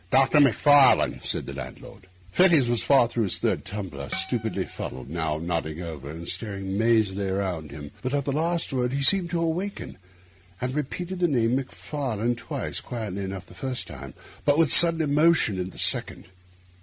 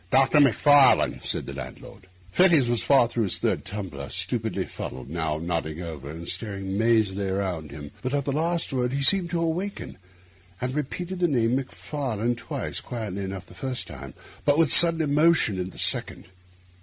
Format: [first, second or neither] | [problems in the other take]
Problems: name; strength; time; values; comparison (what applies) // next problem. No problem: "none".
second | background sound (Harp); 16 dB below the speech